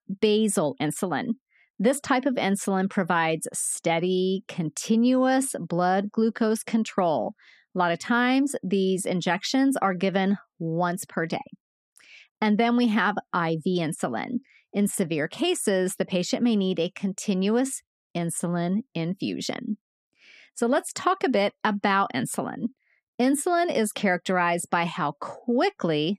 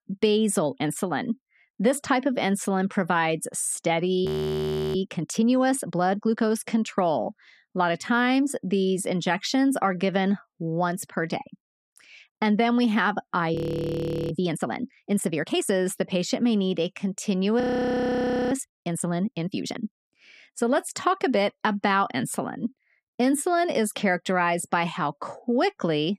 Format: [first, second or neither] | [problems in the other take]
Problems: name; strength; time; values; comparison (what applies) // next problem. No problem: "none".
first | audio freezing; at 4.5 s for 0.5 s, at 14 s for 1 s and at 18 s for 1 s